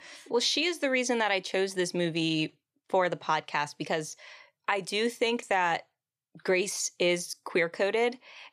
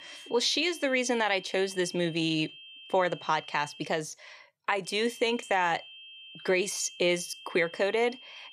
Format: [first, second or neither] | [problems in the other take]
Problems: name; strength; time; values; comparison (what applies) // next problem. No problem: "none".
first | high-pitched whine; noticeable; until 4 s and from 5 s on; 3 kHz, 15 dB below the speech